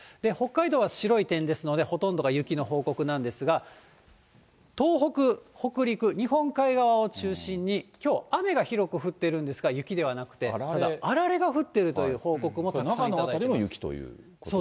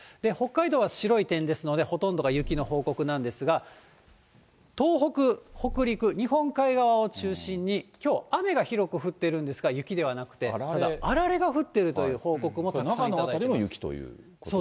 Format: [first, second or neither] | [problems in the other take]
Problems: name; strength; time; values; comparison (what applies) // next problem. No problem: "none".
first | background sound (Purr); 13 dB below the speech